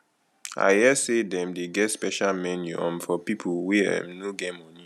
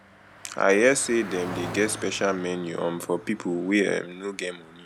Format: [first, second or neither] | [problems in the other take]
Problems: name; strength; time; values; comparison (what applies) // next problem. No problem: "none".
first | background sound (Car passing by); 16 dB below the speech